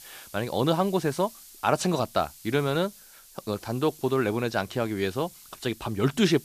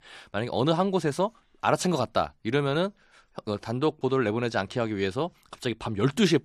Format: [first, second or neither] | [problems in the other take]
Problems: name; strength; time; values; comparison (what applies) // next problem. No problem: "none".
second | hiss; noticeable; throughout; 20 dB below the speech